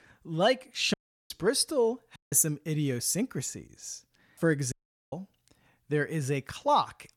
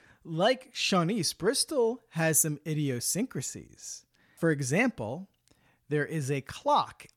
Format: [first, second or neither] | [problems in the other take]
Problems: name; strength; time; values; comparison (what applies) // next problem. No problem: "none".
second | audio cutting out; at 1 s, at 2 s and at 4.5 s